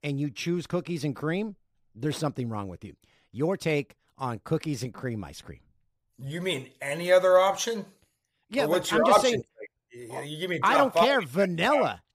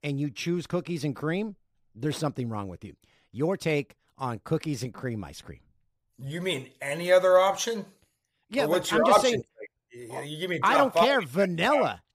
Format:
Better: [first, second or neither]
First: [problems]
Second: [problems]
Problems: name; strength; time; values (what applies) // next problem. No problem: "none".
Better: neither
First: none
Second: none